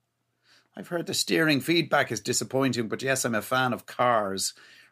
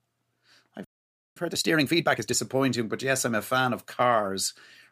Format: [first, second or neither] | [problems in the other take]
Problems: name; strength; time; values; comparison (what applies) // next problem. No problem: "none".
first | audio freezing; at 1 s for 0.5 s